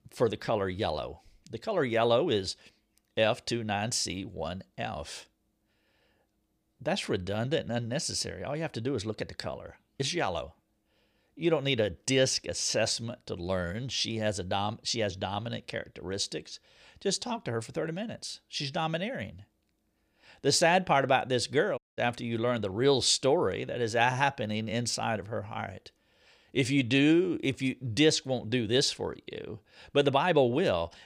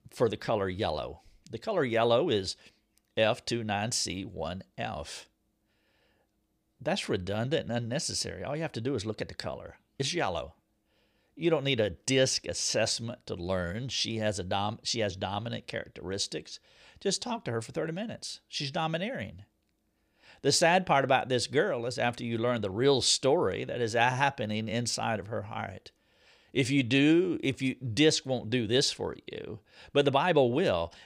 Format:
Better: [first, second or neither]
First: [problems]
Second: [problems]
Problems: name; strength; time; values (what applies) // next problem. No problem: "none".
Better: second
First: audio cutting out; at 22 s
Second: none